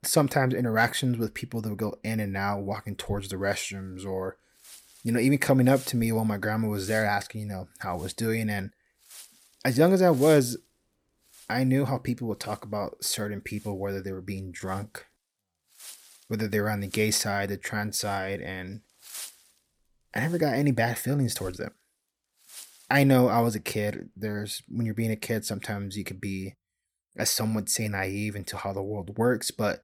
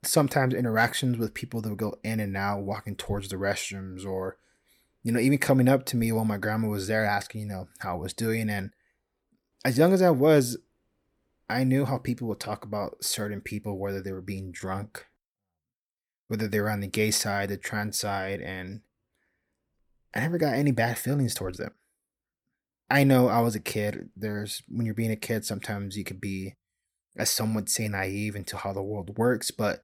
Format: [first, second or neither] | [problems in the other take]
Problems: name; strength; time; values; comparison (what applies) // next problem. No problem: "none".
second | wind noise on the microphone; occasional gusts; from 3.5 to 23 s; 20 dB below the speech